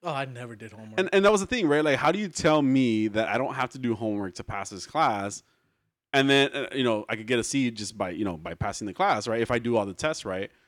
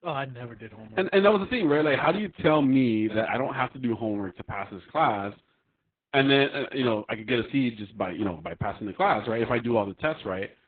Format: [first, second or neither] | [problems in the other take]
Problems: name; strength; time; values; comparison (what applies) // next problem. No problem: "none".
first | garbled, watery; badly; nothing above 3.5 kHz